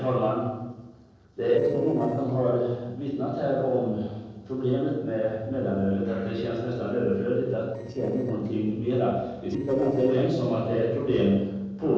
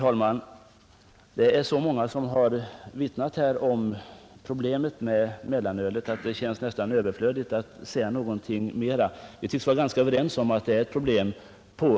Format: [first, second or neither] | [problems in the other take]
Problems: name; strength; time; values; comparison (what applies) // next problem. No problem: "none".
second | noise reduction (neural separator model SepFormer DNS4)